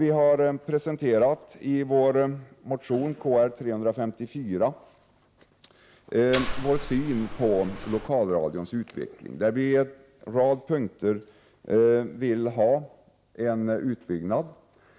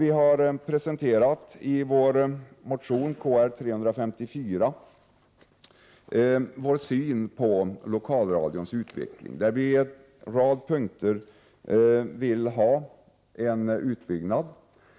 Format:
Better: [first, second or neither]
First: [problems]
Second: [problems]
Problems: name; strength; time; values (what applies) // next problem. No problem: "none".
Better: second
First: background sound (Mechanisms); 7 dB below the speech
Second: none